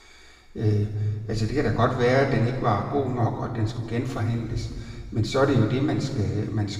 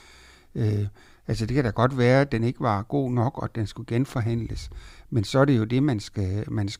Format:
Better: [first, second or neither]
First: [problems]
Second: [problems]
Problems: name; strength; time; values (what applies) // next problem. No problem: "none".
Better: second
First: room echo; noticeable; dies away in 2 s // off-mic speech; far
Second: none